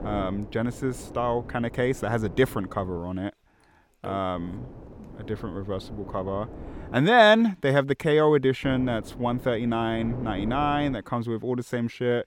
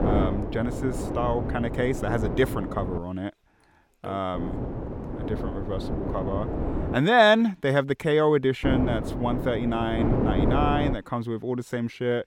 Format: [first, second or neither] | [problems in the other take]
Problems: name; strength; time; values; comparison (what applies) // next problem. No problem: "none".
first | wind noise on the microphone; heavy; until 3 s, from 4.5 to 7 s and from 8.5 to 11 s; 7 dB below the speech; occasional gusts in the first